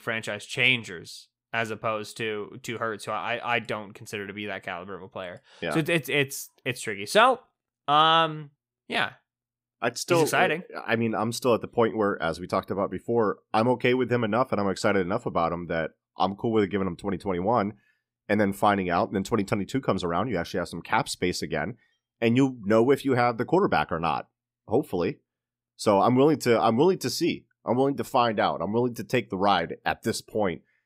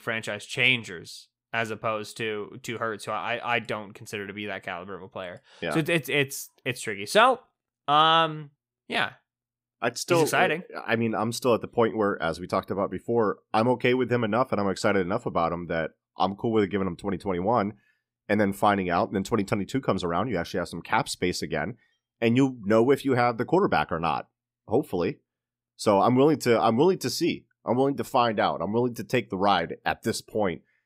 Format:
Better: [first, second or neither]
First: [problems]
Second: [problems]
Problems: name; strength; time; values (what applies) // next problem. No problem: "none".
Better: neither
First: none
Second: none